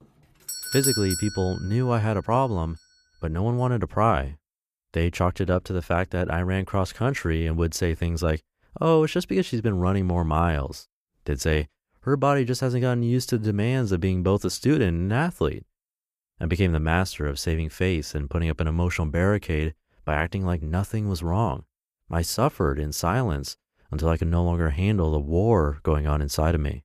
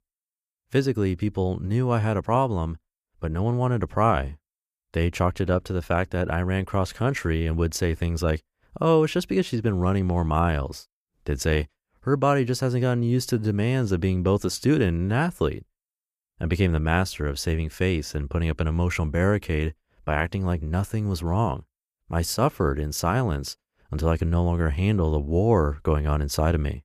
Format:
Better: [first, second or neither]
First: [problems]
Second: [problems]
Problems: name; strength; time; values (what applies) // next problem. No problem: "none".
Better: second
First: doorbell; loud; at 0.5 s; peak 1 dB above the speech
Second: none